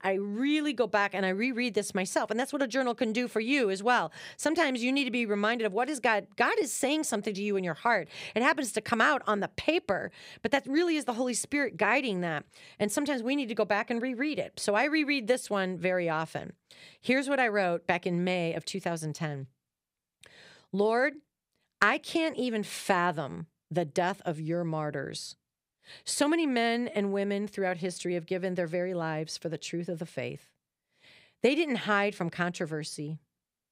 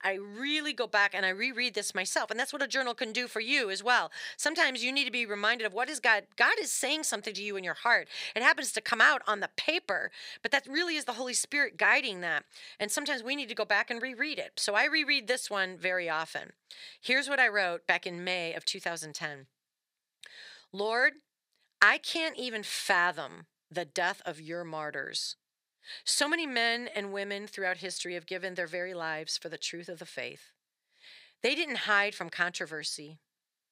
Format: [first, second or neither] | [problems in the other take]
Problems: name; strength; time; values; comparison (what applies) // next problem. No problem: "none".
first | thin; somewhat; fading below 950 Hz